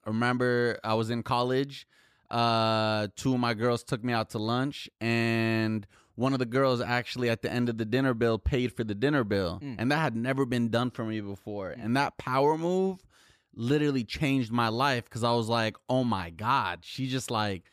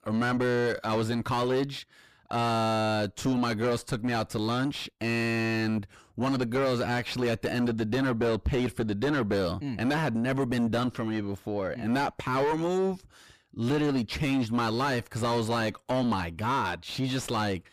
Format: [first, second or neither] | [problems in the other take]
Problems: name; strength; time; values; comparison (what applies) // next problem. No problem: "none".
first | distortion; heavy; 5 dB below the speech